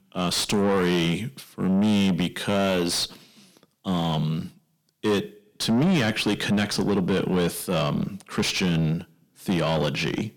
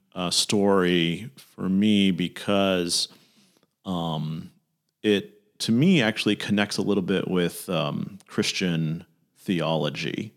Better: second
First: distortion; heavy; 7 dB below the speech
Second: none

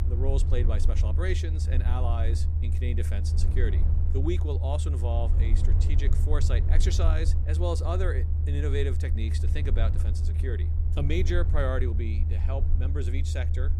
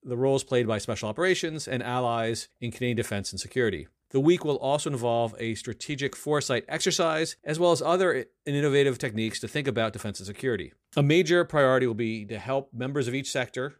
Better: second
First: low rumble; loud; throughout; 7 dB below the speech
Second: none

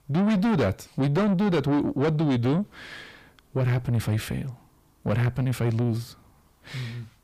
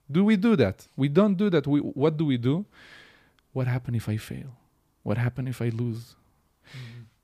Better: second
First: distortion; heavy; 5 dB below the speech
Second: none

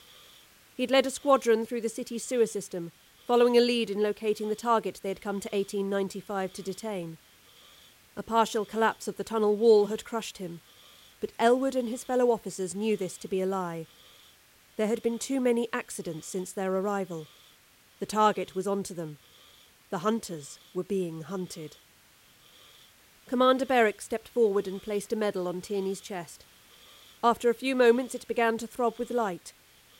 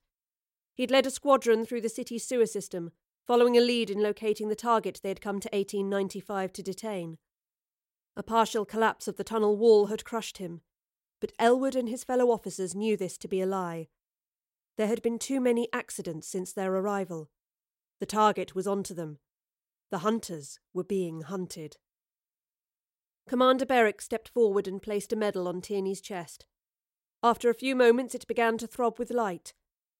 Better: second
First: hiss; faint; throughout; 25 dB below the speech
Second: none

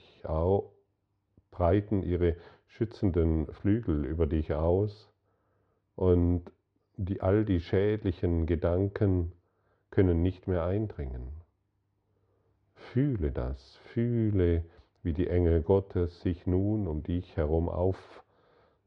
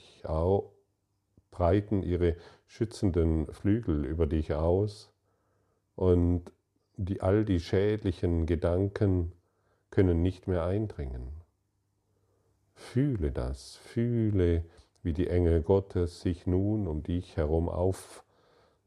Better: second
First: muffled; slightly; fading above 3.5 kHz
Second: none

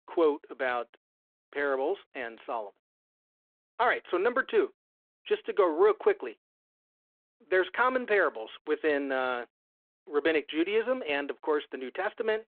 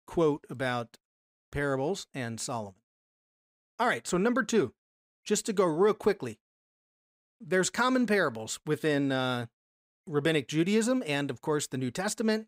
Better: second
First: phone-call audio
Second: none

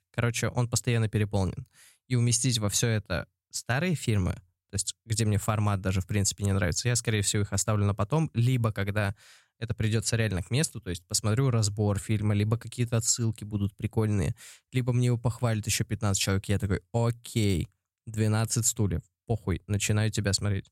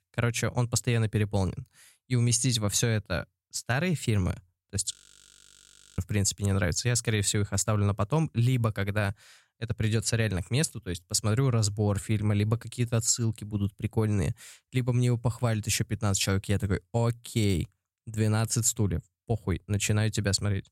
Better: first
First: none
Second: audio freezing; at 5 s for 1 s

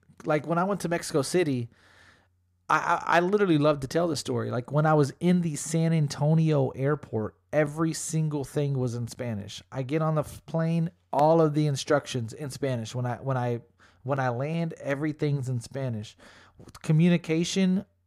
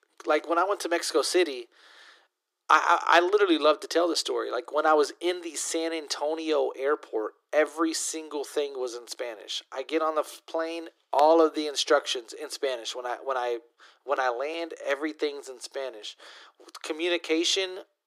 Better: first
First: none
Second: thin; very; fading below 300 Hz

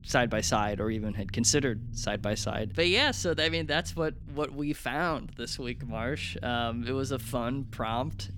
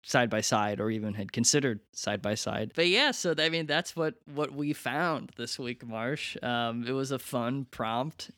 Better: second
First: low rumble; faint; throughout; 25 dB below the speech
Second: none

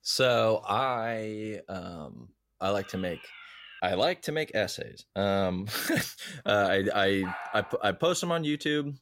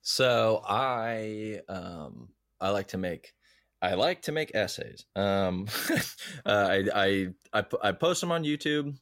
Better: second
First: alarm; faint; at 3 s; peak 15 dB below the speech // dog barking; noticeable; at 7 s; peak 9 dB below the speech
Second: none

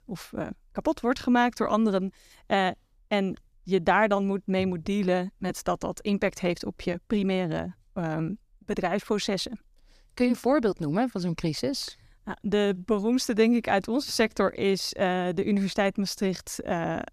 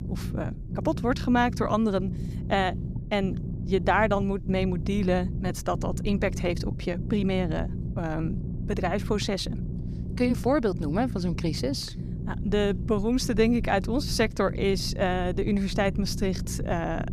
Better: first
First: none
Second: low rumble; noticeable; throughout; 15 dB below the speech

